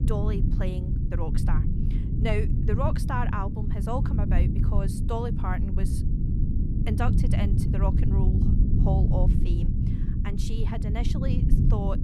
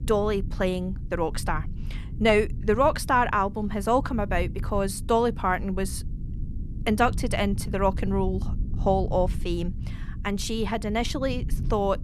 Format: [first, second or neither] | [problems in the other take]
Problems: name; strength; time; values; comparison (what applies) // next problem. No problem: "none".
second | low rumble; loud; throughout; 3 dB below the speech; faint in the second